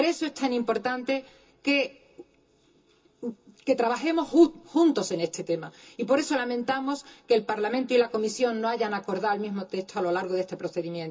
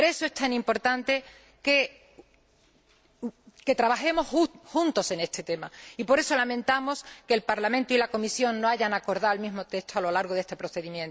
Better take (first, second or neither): second